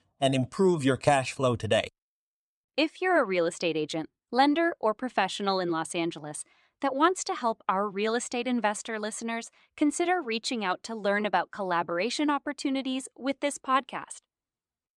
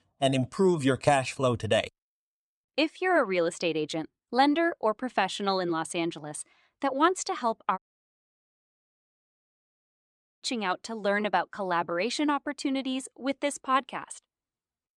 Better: first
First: none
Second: audio cutting out; at 8 s for 2.5 s

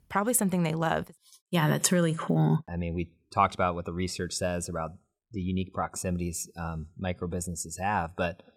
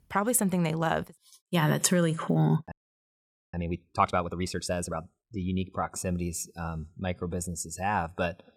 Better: first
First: none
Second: audio freezing; at 2.5 s for 1 s

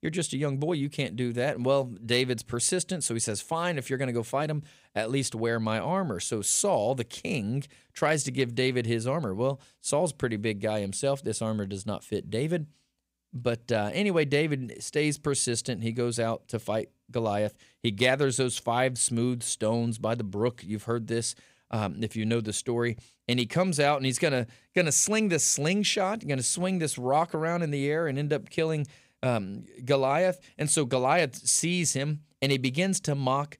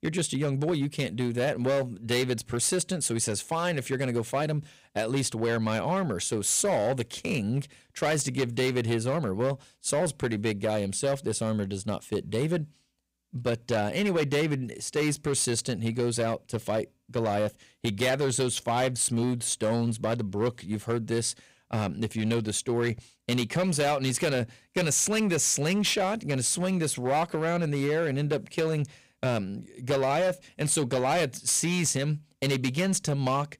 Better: first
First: none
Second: distortion; slight; 10% of the sound clipped

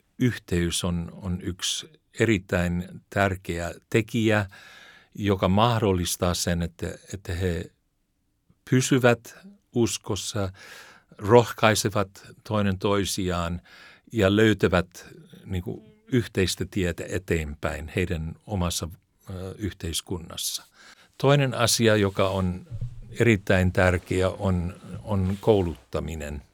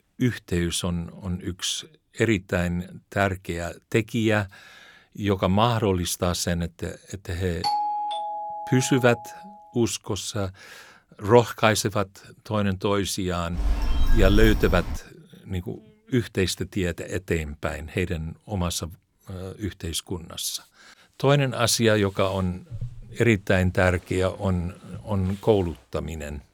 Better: first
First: none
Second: doorbell; noticeable; from 7.5 to 9.5 s; peak level with the speech // phone ringing; noticeable; from 14 to 15 s; peak 1 dB below the speech

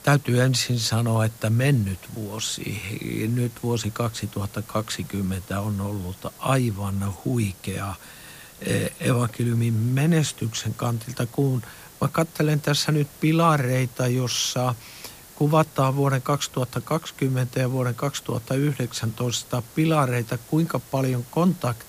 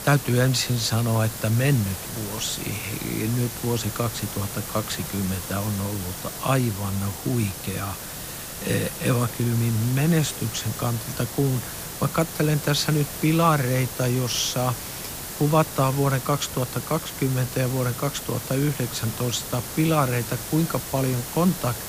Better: first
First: hiss; faint; throughout; 20 dB below the speech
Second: hiss; loud; throughout; 7 dB below the speech

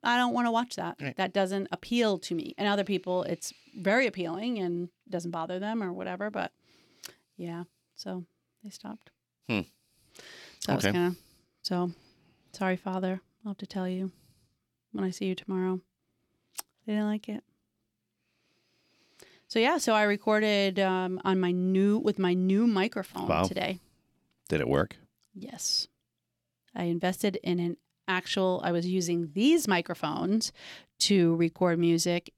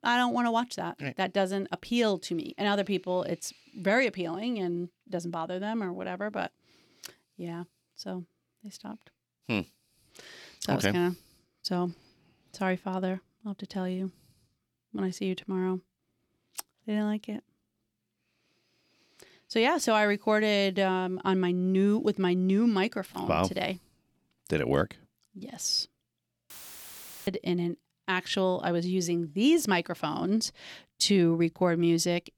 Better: first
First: none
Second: audio cutting out; filled with static; at 27 s for 1 s

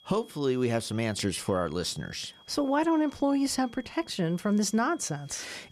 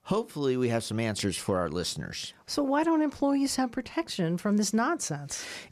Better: second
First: high-pitched whine; faint; throughout; 3.5 kHz, 25 dB below the speech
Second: none

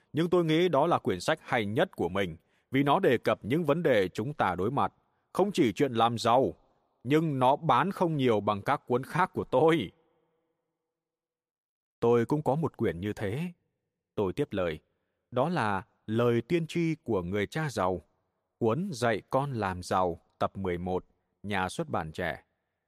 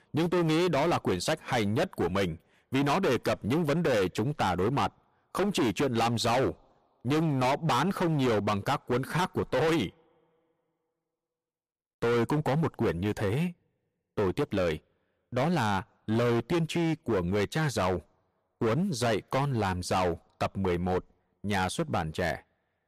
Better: first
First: none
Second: distortion; heavy; 18% of the sound clipped

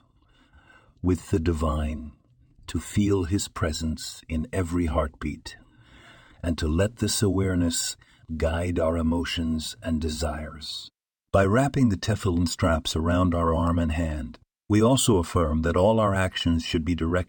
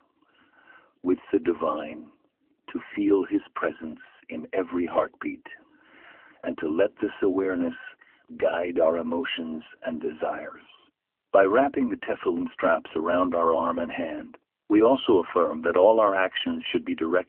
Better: first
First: none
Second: phone-call audio; nothing above 3 kHz

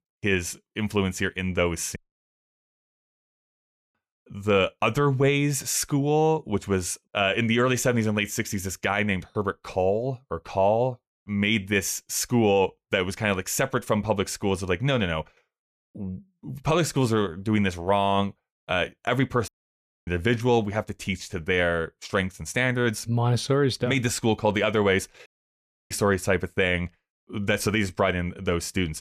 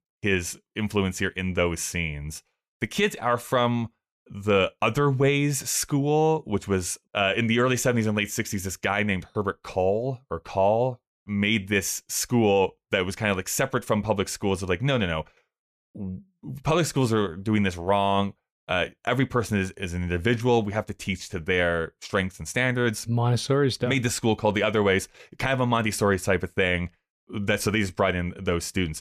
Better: second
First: audio cutting out; at 2 s for 2 s, at 19 s for 0.5 s and at 25 s for 0.5 s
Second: none

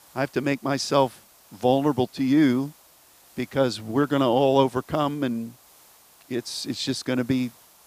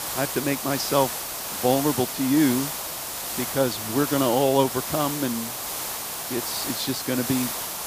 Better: first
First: hiss; faint; throughout; 25 dB below the speech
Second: hiss; loud; throughout; 3 dB below the speech

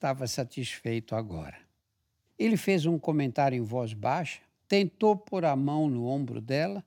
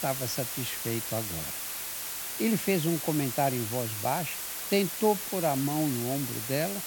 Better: first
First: none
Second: hiss; loud; throughout; 3 dB below the speech

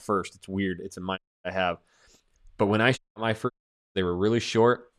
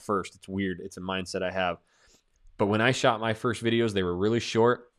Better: second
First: audio cutting out; at 1 s, at 3 s and at 3.5 s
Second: none

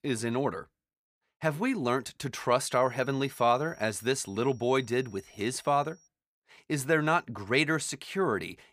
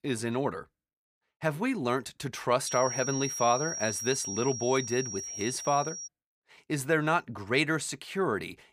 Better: first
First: high-pitched whine; faint; from 2.5 to 6 s; 5.5 kHz, 30 dB below the speech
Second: high-pitched whine; loud; from 2.5 to 6 s; 5.5 kHz, 5 dB below the speech

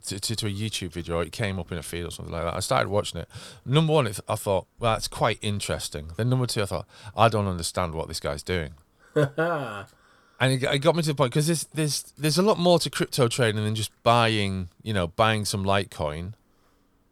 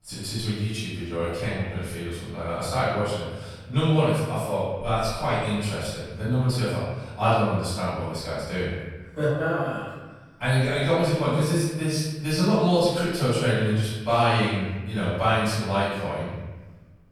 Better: first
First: none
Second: off-mic speech; far // room echo; strong; dies away in 1.3 s

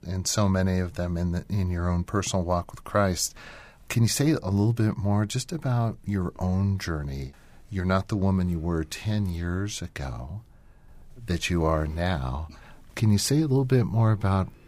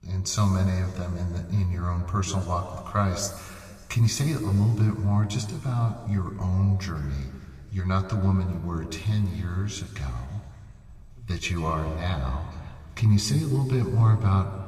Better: first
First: none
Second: room echo; noticeable; dies away in 2.1 s // off-mic speech; somewhat distant

